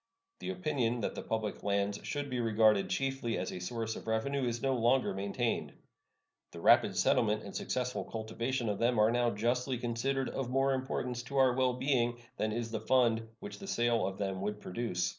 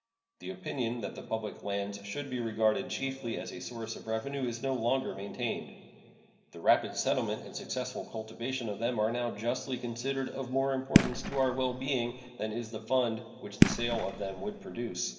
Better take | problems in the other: first | background sound (Fireworks); 3 dB above the speech // room echo; dies away in 2 s

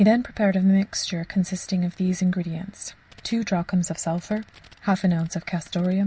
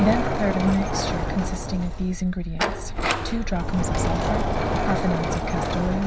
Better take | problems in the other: first | background sound (Sliding door); 2 dB above the speech

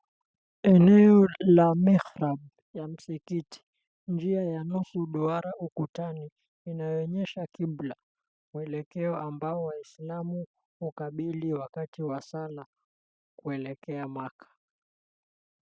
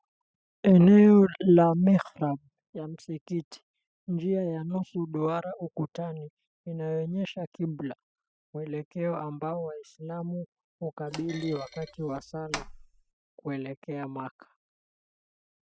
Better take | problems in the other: first | noise reduction (classical method spectral subtraction)

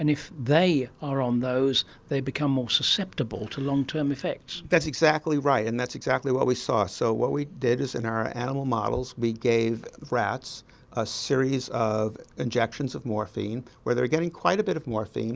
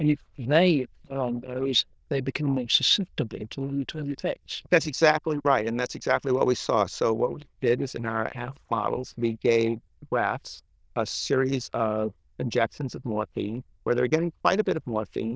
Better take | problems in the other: first | noise reduction (neural diffusion model UNIVERSE++)

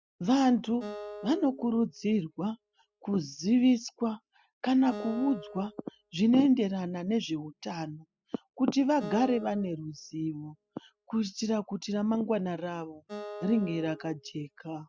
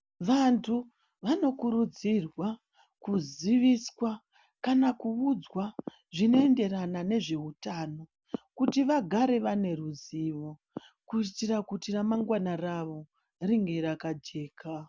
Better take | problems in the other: second | noise reduction (classical method spectral subtraction)

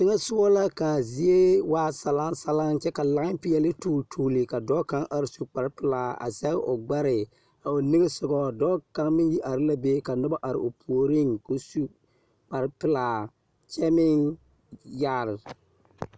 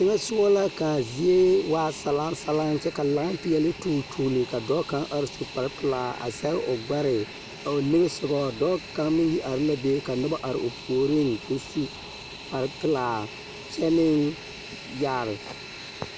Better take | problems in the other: first | background sound (Fixed-wing aircraft, airplane); 14 dB below the speech

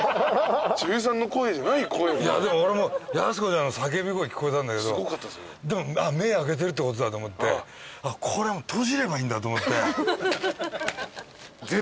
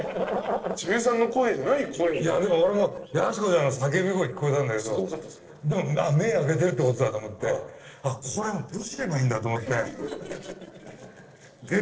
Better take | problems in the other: first | noise reduction (neural separator model SepFormer DNS4)

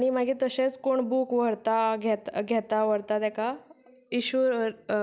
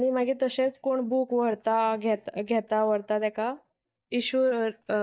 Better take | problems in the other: first | noise reduction (neural mask model DeepFilterNet 3)

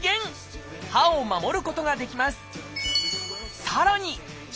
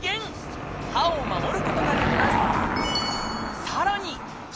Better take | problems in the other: first | background sound (Car passing by / Engine); 3 dB above the speech

